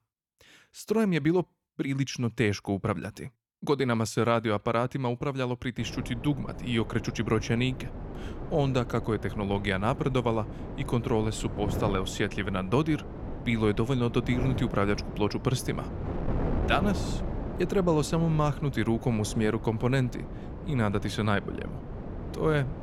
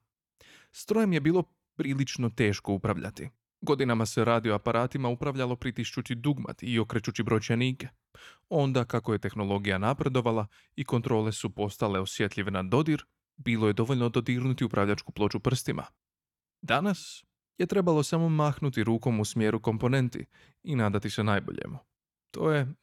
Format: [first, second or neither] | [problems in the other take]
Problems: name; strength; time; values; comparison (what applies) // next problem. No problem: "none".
second | wind noise on the microphone; occasional gusts; from 6 s on; 10 dB below the speech